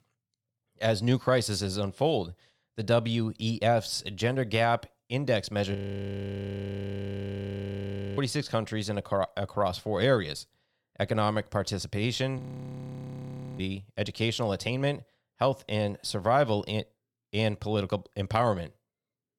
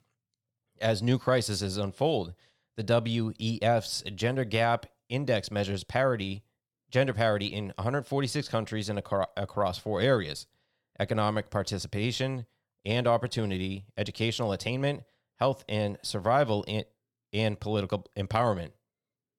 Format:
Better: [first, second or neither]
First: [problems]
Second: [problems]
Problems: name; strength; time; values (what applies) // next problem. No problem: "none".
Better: second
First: audio freezing; at 6 s for 2.5 s and at 12 s for 1 s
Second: none